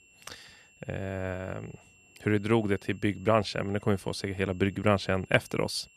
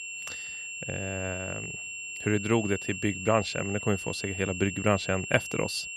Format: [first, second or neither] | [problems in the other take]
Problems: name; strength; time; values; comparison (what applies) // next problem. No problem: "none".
first | high-pitched whine; loud; throughout; 2.5 kHz, 6 dB below the speech; faint in the first